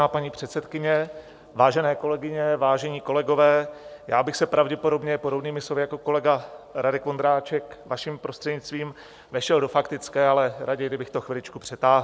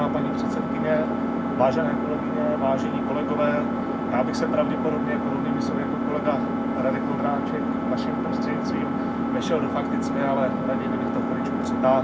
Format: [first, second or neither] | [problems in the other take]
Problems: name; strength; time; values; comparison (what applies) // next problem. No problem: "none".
first | background sound (Engine); 3 dB above the speech // room echo; dies away in 0.4 s